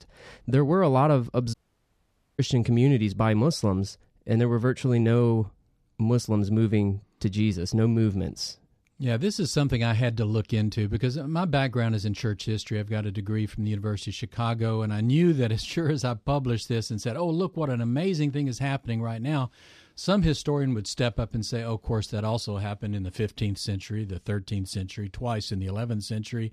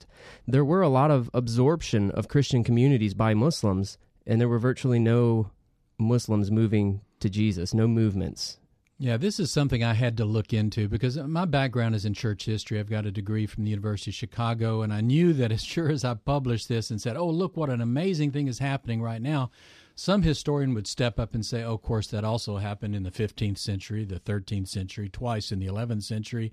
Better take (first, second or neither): second